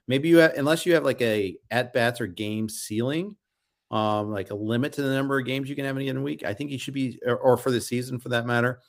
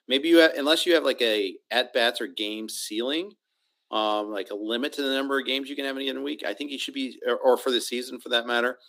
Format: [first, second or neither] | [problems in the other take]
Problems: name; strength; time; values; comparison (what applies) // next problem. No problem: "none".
first | thin; very slightly; fading below 250 Hz